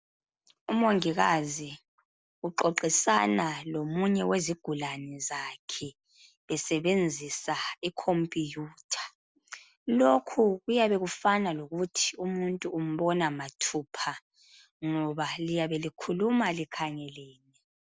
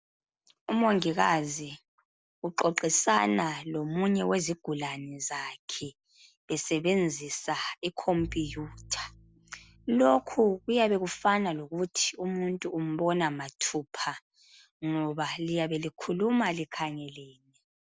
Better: first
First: none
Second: background sound (Bowed string instrument); 19 dB below the speech

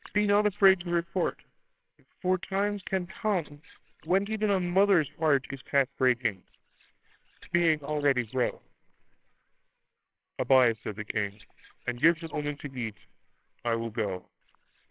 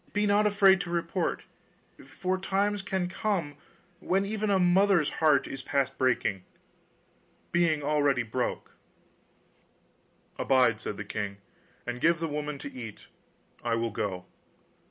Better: second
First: noise reduction (neural separator model SepFormer WHAMR!)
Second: none

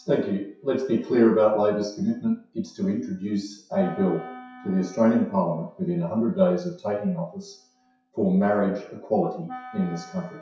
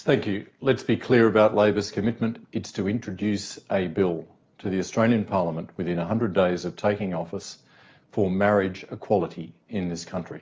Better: second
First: noise reduction (classical method WPE with log-MMSE)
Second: none

